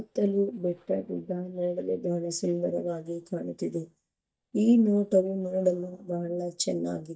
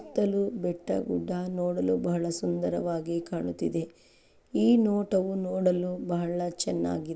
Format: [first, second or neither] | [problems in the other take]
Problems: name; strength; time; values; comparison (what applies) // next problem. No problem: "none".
second | noise reduction (neural mask model DeepFilterNet 3)